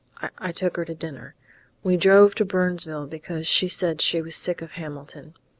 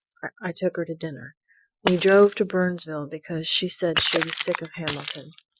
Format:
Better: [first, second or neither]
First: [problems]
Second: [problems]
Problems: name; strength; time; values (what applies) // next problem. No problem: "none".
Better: first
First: none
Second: noise reduction (classical method Wiener filter)